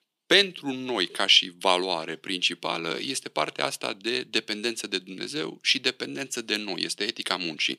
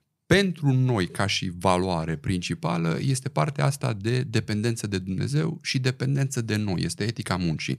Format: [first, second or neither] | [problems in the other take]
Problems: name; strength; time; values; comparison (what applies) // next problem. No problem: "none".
second | thin; somewhat; fading below 250 Hz